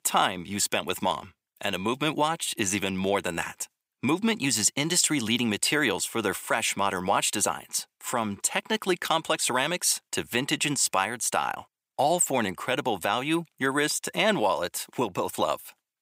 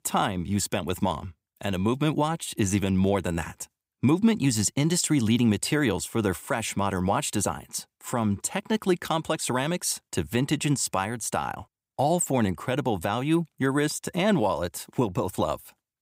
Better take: second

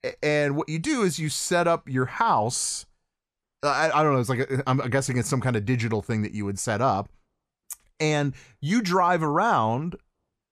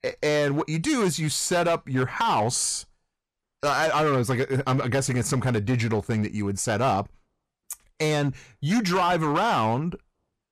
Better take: first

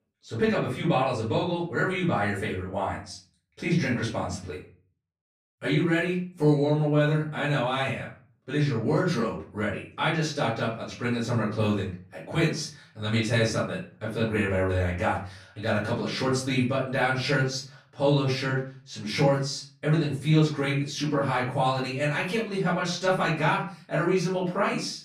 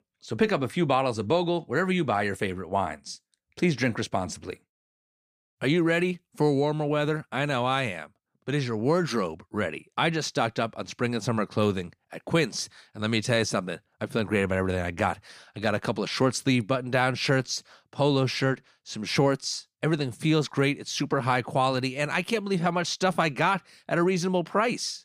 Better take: second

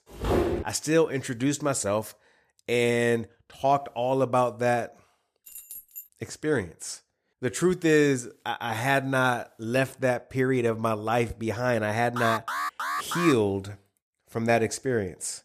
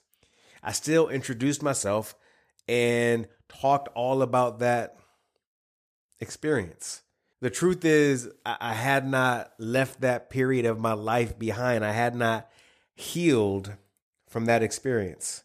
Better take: second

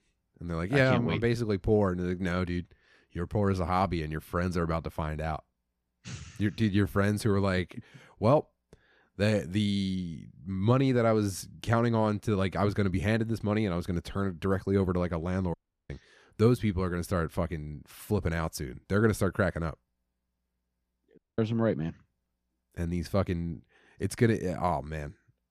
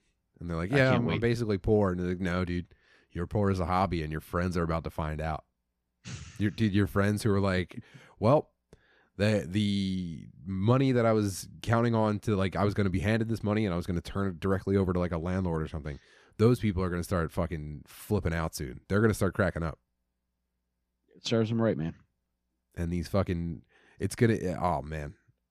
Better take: second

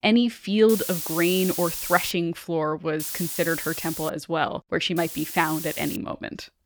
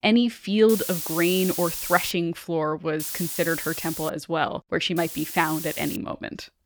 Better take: neither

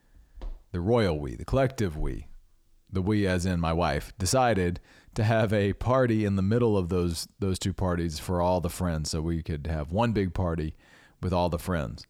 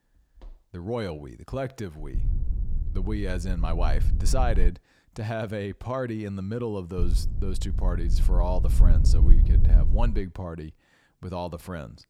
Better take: first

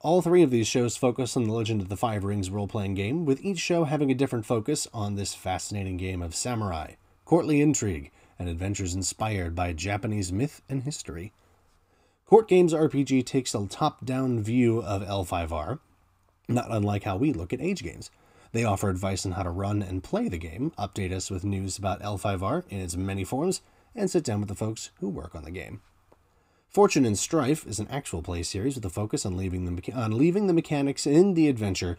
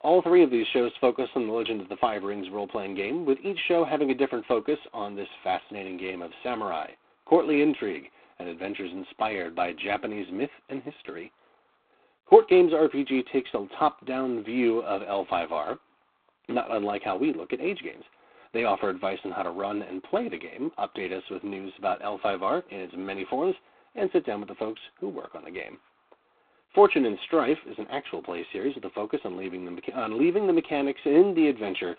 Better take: first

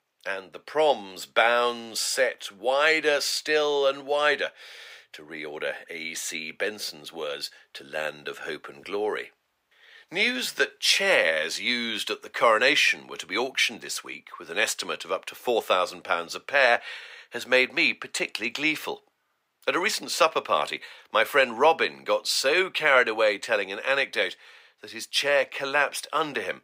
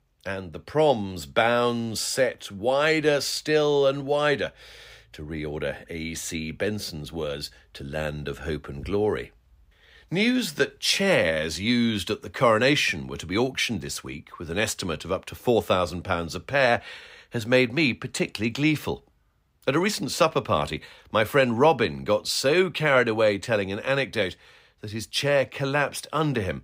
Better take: second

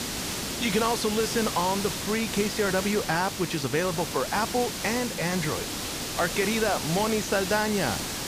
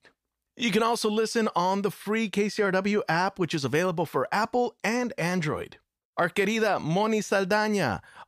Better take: second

